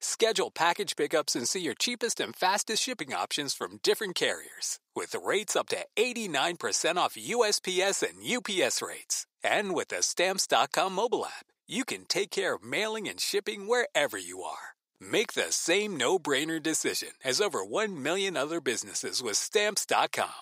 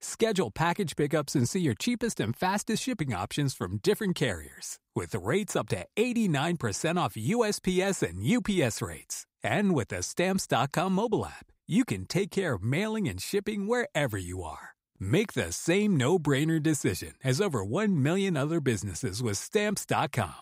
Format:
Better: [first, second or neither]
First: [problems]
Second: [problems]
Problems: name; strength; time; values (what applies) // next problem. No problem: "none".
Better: second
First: thin; somewhat; fading below 500 Hz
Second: none